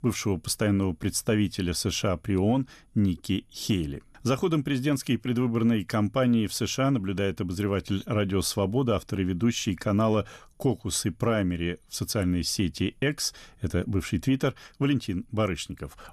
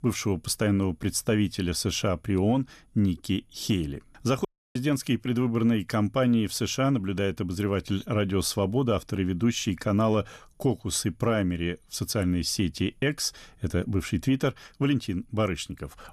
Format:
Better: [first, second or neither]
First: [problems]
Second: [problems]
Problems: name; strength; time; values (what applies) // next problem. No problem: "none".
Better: first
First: none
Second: audio cutting out; at 4.5 s